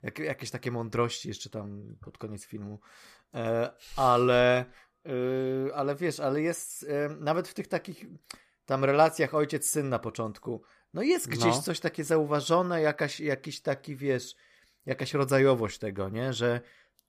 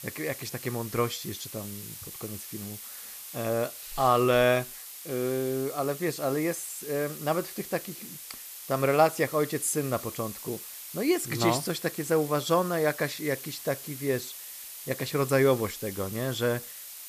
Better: first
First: none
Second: hiss; noticeable; throughout; 10 dB below the speech

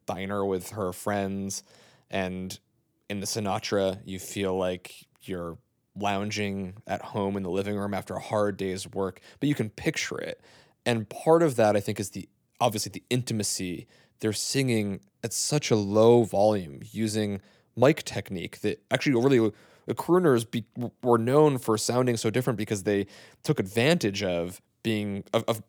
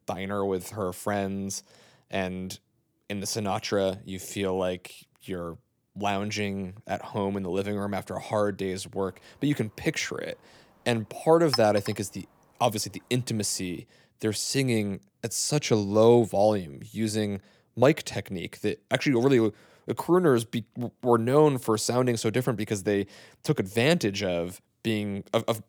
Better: first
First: none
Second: clattering dishes; noticeable; at 12 s; peak 4 dB below the speech

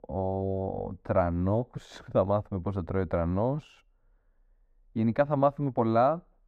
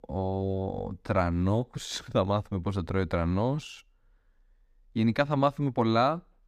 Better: second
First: muffled; very; fading above 2.5 kHz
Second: none

